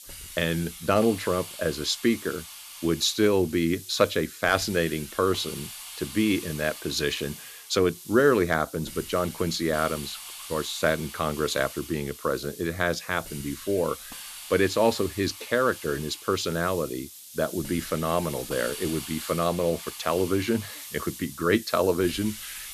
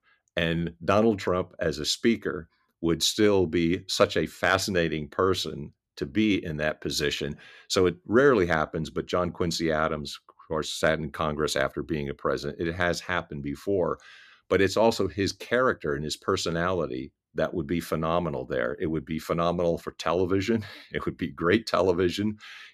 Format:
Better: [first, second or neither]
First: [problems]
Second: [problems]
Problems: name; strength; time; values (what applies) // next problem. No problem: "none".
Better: second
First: hiss; noticeable; throughout; 10 dB below the speech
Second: none